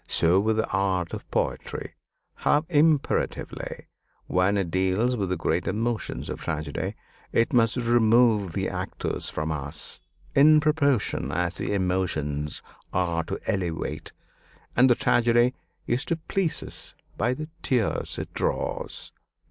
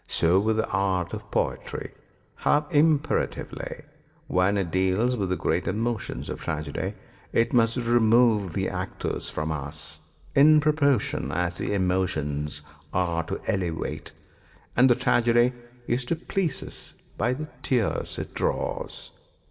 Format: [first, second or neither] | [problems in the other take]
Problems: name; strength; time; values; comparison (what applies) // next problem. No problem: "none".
first | room echo; dies away in 1.3 s